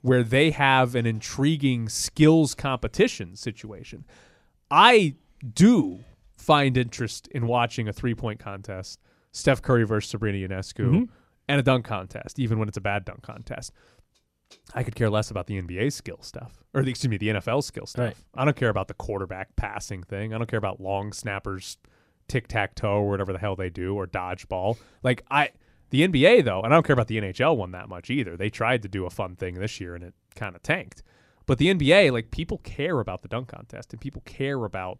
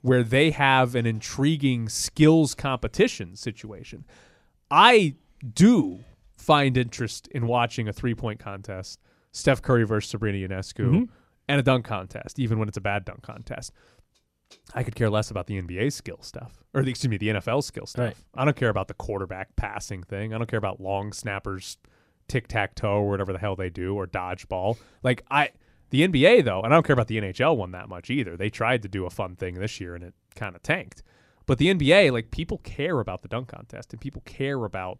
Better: neither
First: none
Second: none

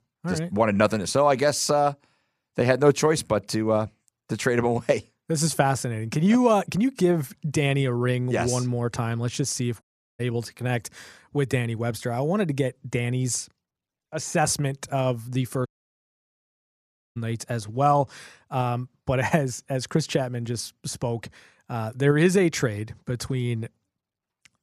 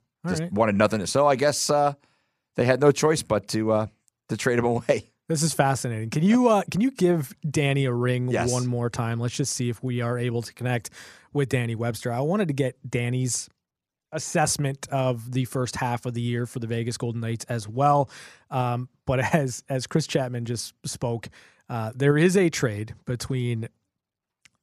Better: second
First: audio cutting out; at 10 s and at 16 s for 1.5 s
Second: none

